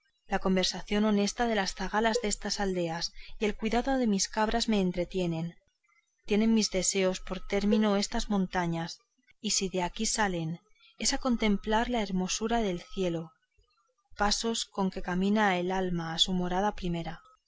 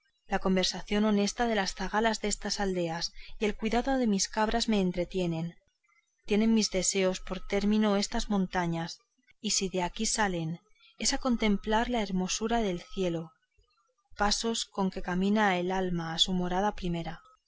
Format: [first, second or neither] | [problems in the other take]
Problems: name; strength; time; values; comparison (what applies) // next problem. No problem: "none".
second | background sound (Cowbell); 12 dB below the speech